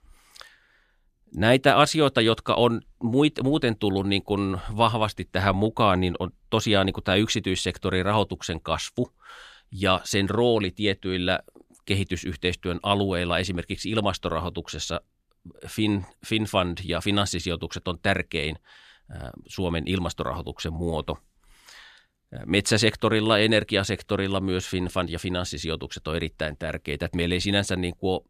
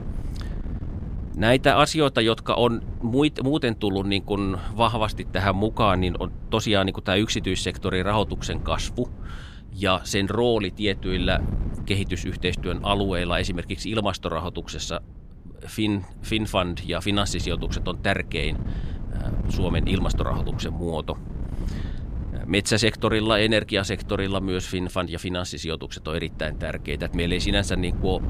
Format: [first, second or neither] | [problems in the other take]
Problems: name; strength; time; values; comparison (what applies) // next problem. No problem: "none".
first | wind noise on the microphone; occasional gusts; 20 dB below the speech